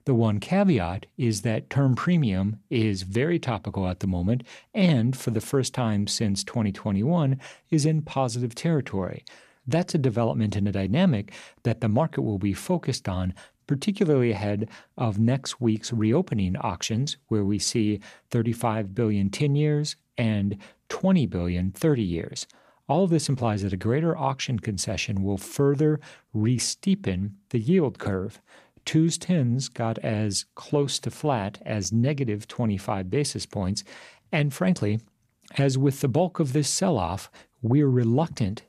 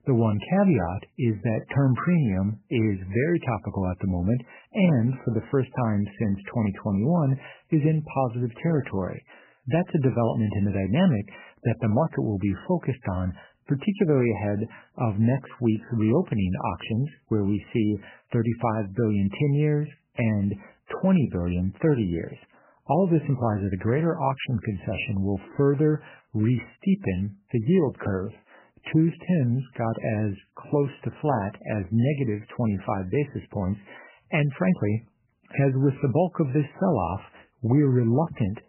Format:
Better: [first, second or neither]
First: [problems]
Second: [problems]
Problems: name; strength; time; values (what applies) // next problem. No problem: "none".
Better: first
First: none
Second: garbled, watery; badly; nothing above 3 kHz